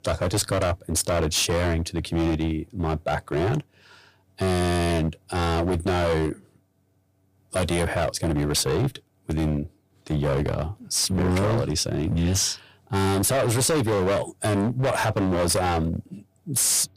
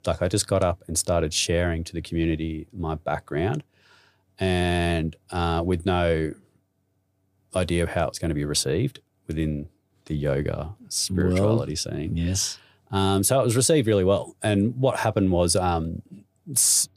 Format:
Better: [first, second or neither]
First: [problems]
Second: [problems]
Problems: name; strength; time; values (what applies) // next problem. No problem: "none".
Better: second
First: distortion; heavy; 20% of the sound clipped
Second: none